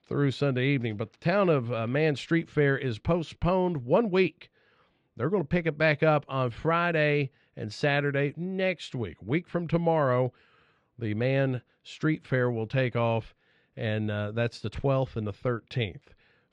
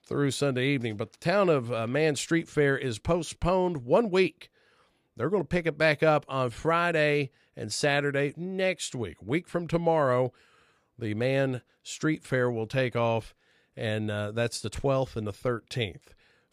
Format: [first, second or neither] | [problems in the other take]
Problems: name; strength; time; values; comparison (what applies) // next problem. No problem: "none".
second | muffled; very slightly; fading above 3 kHz